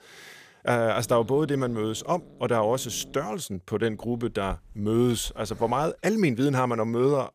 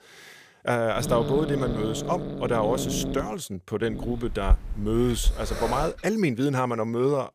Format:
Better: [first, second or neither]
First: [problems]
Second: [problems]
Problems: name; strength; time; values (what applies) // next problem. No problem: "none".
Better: first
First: hiss; faint; from 1 to 3 s and from 4 to 6 s; 20 dB below the speech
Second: hiss; loud; from 1 to 3 s and from 4 to 6 s; 5 dB below the speech